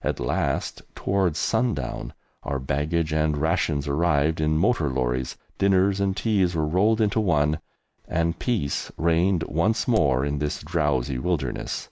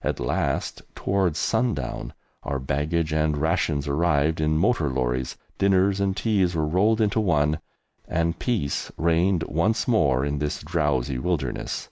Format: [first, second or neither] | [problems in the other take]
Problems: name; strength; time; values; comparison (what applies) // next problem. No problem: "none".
second | background sound (Crack); 18 dB below the speech